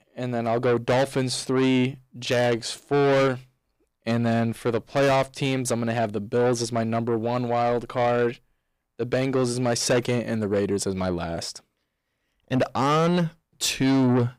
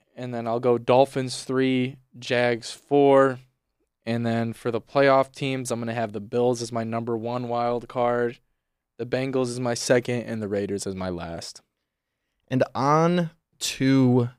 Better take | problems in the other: second | distortion; heavy; 7 dB below the speech

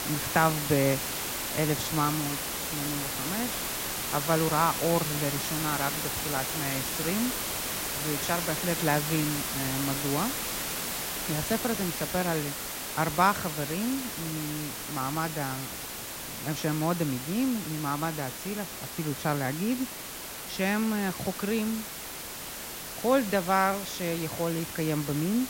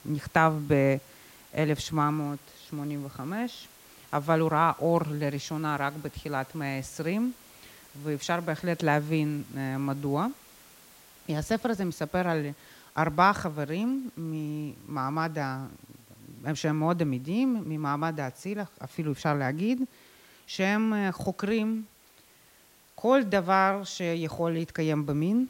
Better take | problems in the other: second | hiss; loud; throughout; 2 dB below the speech; faint in the second

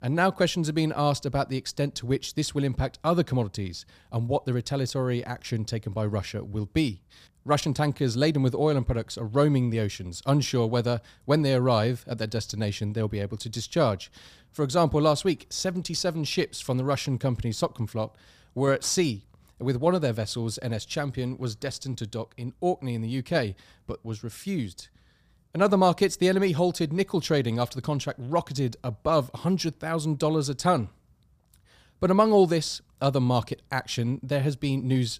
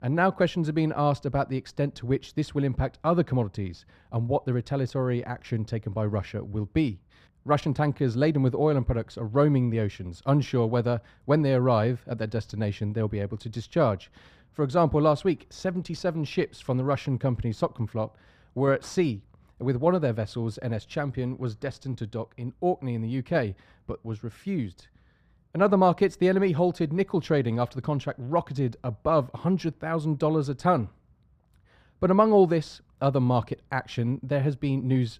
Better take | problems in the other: first | muffled; slightly; fading above 3.5 kHz

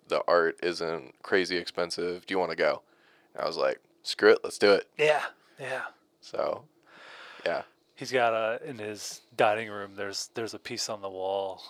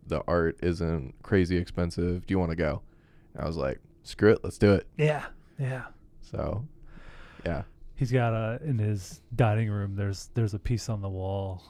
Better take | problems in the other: second | thin; very; fading below 600 Hz

